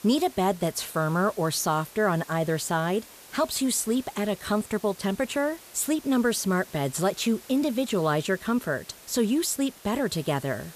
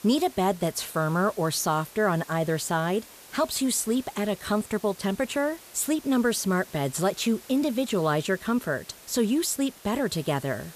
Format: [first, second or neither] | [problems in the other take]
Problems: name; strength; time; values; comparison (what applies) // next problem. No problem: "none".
neither | hiss; noticeable; throughout; 20 dB below the speech; the same in both